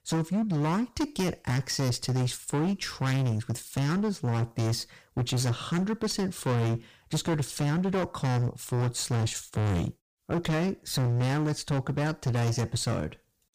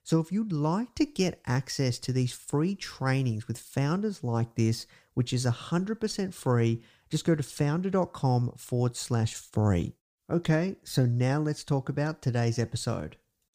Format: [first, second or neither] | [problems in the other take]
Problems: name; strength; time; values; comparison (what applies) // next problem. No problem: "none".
second | distortion; heavy; 24% of the sound clipped